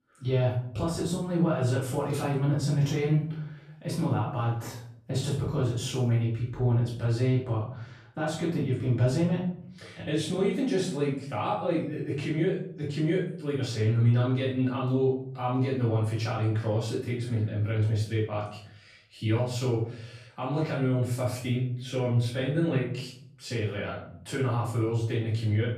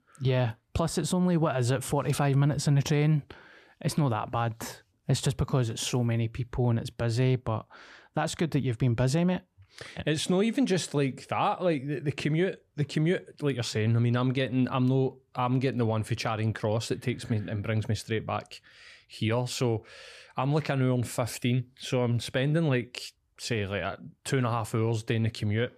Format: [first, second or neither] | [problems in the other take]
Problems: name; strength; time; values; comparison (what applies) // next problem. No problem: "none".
second | room echo; noticeable; dies away in 0.6 s // off-mic speech; far